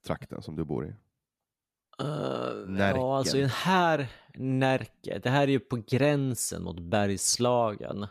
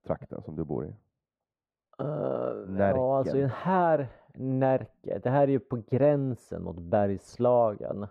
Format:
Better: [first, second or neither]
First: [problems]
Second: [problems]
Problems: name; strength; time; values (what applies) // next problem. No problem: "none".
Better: first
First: none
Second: muffled; very; fading above 2.5 kHz